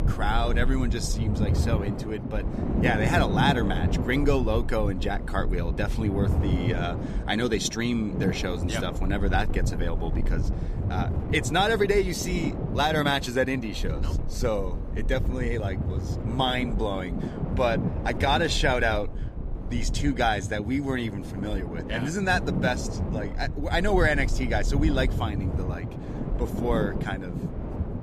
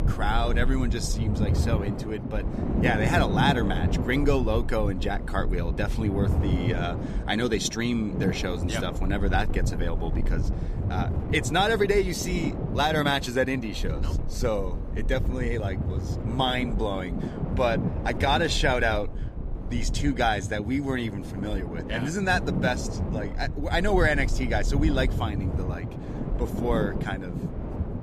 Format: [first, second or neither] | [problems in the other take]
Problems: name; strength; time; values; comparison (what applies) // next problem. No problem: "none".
neither | wind noise on the microphone; occasional gusts; 10 dB below the speech; the same in both